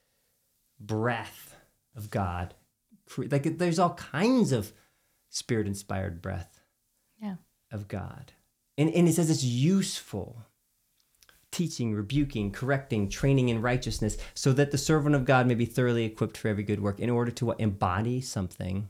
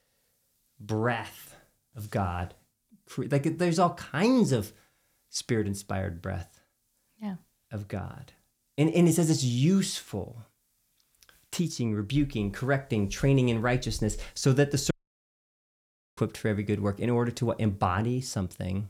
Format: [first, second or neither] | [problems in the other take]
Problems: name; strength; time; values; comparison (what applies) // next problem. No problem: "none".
first | audio cutting out; at 15 s for 1.5 s